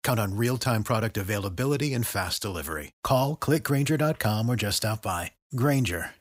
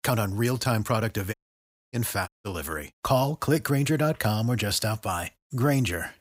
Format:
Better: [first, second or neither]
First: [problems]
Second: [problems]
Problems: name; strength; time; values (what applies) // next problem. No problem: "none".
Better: first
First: none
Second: audio cutting out; at 1.5 s for 0.5 s and at 2.5 s